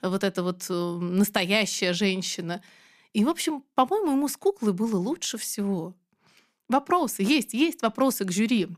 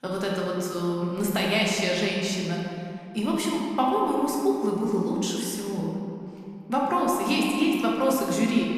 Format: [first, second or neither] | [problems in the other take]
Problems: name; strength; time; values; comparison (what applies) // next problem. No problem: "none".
first | room echo; noticeable; dies away in 2.8 s // off-mic speech; somewhat distant